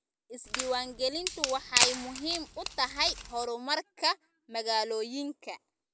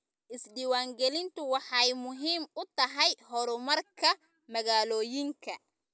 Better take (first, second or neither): second